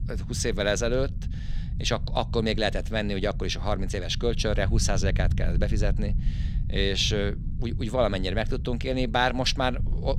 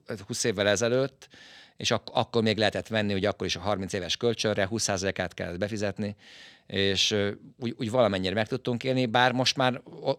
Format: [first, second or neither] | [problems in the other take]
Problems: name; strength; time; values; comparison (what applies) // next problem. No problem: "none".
second | low rumble; noticeable; throughout; 20 dB below the speech